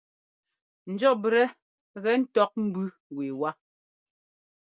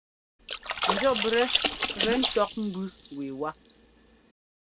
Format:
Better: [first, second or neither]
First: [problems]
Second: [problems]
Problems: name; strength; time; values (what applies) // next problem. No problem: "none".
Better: first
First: none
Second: background sound (Splash, splatter); 1 dB below the speech